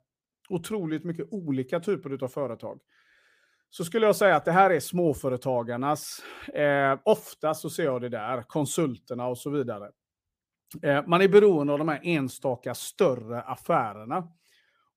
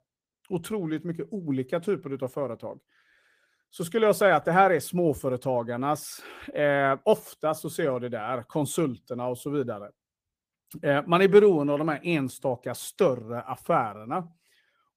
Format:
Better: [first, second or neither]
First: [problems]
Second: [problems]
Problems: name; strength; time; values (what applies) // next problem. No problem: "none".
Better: first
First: none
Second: garbled, watery; slightly; nothing above 15 kHz